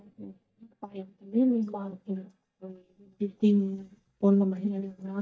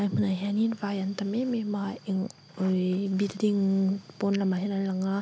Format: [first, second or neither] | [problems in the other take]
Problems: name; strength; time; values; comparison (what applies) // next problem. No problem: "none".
second | noise reduction (neural mask model DeepFilterNet 3)